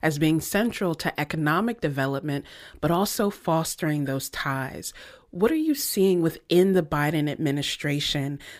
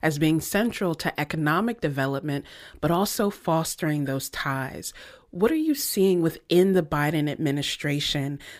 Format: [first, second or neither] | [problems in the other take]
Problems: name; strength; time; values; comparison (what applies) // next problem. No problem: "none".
neither | none